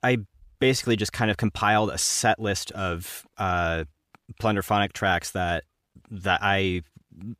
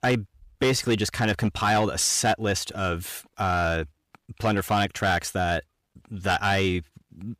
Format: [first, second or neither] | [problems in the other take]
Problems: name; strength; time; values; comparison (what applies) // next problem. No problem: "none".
first | distortion; slight; 5% of the sound clipped